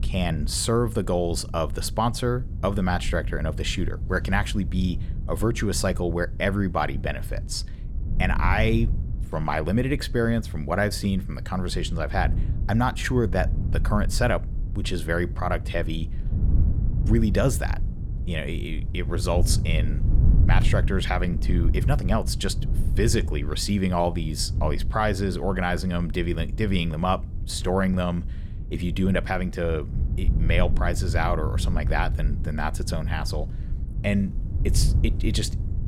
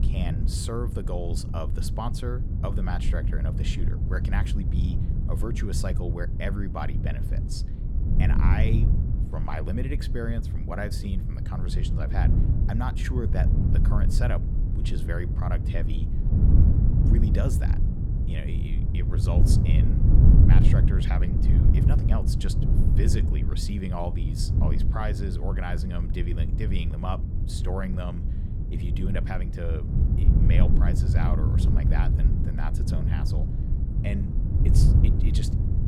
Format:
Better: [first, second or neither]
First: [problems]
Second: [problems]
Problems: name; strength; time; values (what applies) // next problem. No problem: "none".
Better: first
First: wind noise on the microphone; occasional gusts; 15 dB below the speech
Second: wind noise on the microphone; heavy; 2 dB below the speech